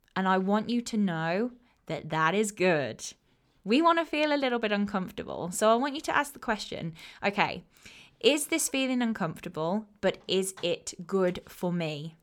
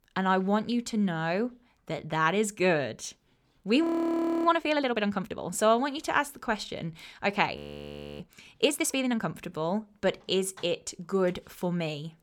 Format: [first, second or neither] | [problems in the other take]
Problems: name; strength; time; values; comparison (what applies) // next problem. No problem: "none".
first | audio freezing; at 4 s for 0.5 s and at 7.5 s for 0.5 s